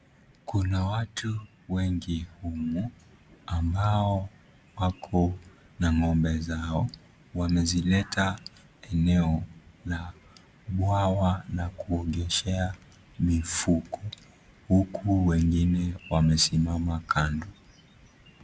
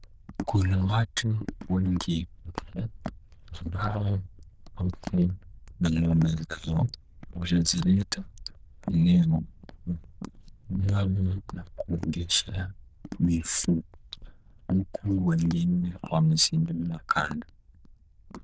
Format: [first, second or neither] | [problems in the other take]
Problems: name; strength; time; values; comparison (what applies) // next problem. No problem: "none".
first | noise reduction (neural diffusion model UNIVERSE++)